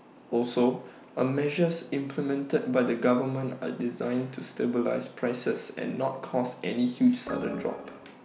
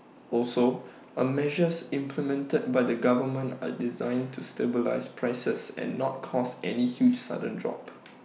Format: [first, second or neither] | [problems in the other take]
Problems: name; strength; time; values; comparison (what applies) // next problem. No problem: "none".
second | background sound (Organ); 9 dB below the speech